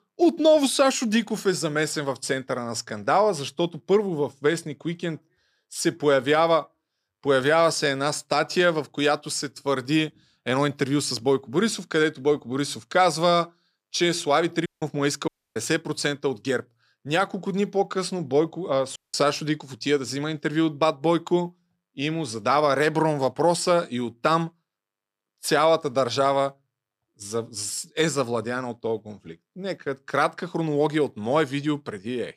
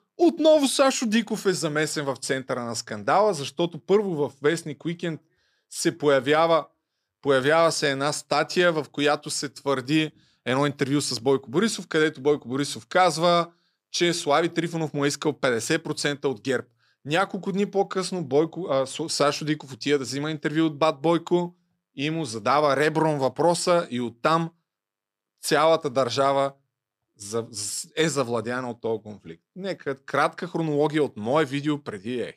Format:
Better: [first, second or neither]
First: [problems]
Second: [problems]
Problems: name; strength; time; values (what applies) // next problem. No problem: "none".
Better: second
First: audio cutting out; at 15 s and at 19 s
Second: none